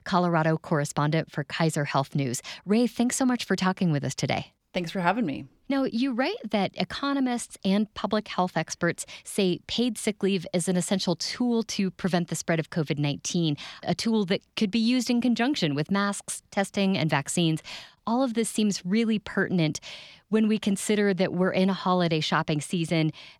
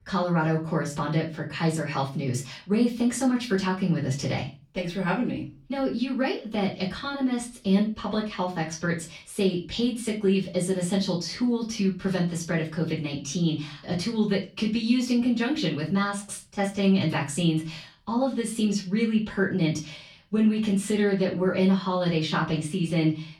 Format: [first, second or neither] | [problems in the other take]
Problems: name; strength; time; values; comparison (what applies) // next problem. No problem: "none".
first | room echo; slight; dies away in 0.3 s // off-mic speech; far